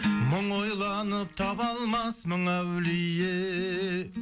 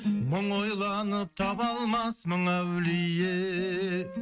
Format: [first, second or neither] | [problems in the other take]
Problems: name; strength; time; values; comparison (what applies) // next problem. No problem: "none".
first | noise reduction (neural mask model RNNoise)